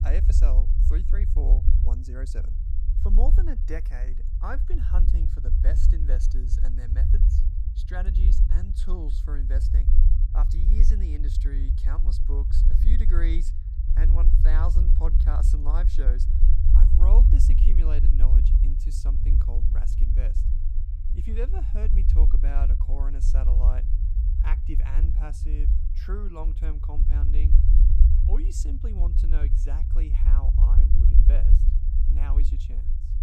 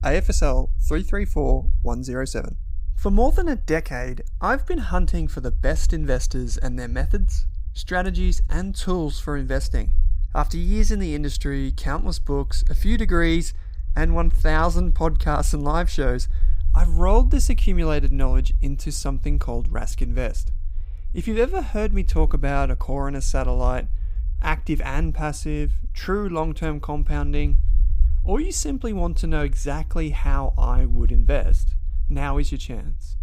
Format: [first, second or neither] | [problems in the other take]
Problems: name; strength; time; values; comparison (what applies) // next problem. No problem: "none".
second | low rumble; loud; throughout; 2 dB below the speech; faint in the second